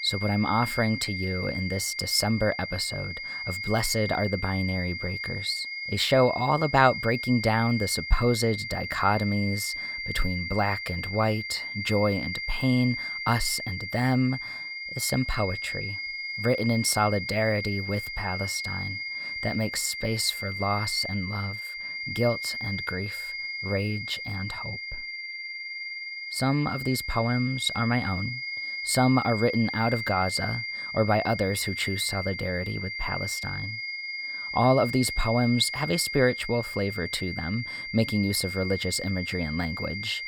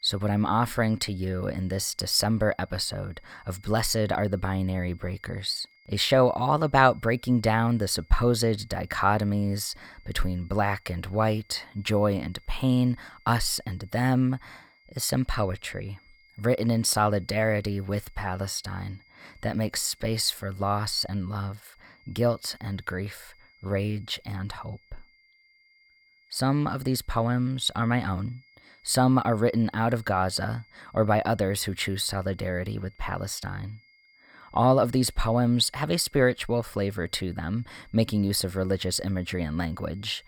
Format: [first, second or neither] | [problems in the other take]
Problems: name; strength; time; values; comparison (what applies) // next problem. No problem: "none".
second | high-pitched whine; loud; throughout; 2 kHz, 5 dB below the speech; faint in the second